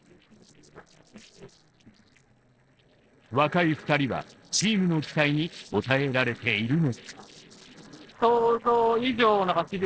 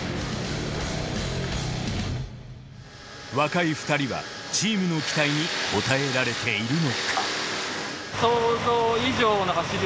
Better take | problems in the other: second | noise reduction (neural separator model SepFormer DNS4)

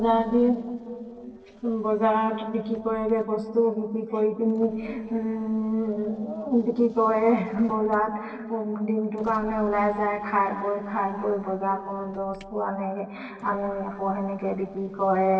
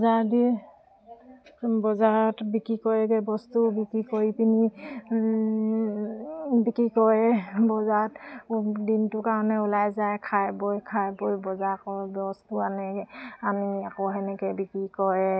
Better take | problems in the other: second | noise reduction (neural separator model SepFormer DNS4)

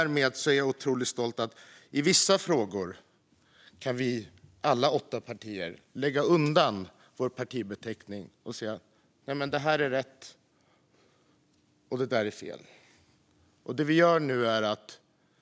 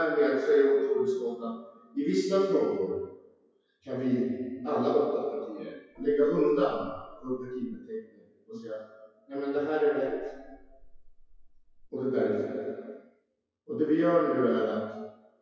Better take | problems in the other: first | noise reduction (classical method WPE with log-MMSE)

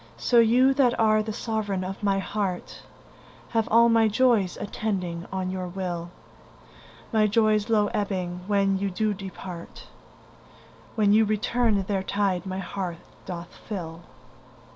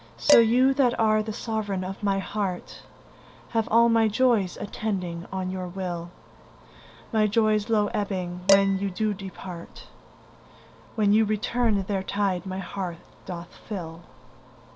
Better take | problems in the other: first | background sound (Dishes, pots, and pans); 5 dB below the speech

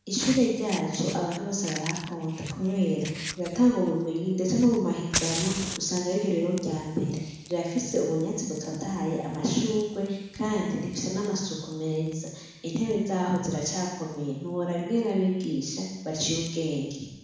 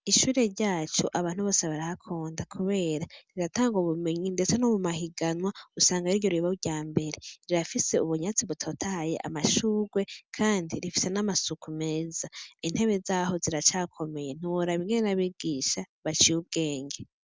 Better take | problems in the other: second | background sound (Fire); 14 dB below the speech // room echo; dies away in 1.1 s

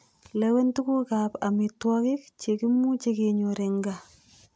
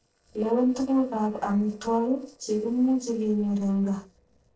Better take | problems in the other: first | noise reduction (neural separator model SepFormer DNS4)

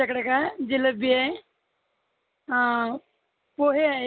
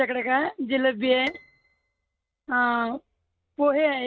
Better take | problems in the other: first | noise reduction (neural mask model RNNoise)

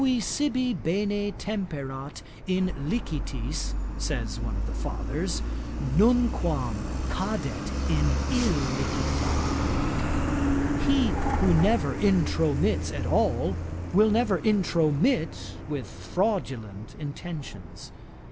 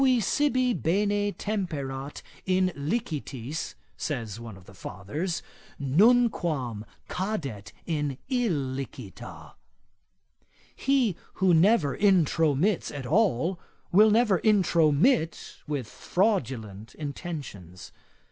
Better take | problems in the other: second | background sound (Truck); 1 dB below the speech

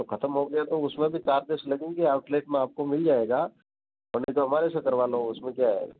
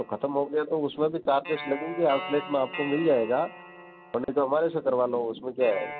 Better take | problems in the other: first | background sound (Guitar); 14 dB below the speech

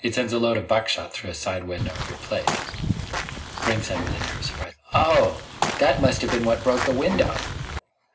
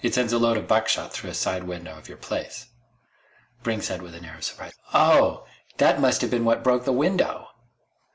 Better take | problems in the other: second | background sound (Walk, footsteps / Bird vocalization, bird call, bird song); 3 dB below the speech // room echo; dies away in 0.2 s

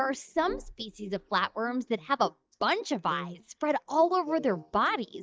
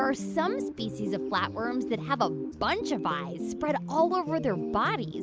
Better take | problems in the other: second | noise reduction (neural mask model DeepFilterNet 3)

